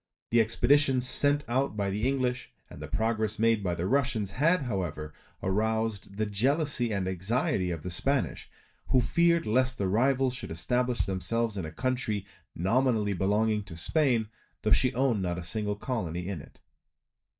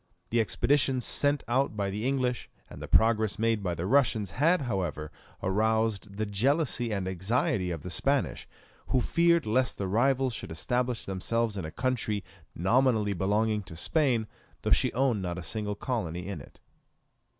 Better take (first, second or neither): second